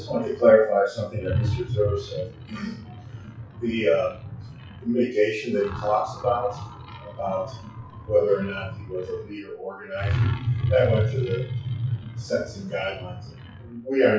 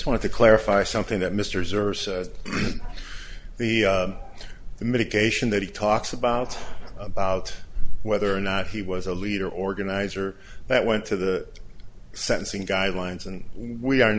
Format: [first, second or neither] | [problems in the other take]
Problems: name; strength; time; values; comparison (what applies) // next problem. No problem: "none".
second | noise reduction (classical method WPE with log-MMSE)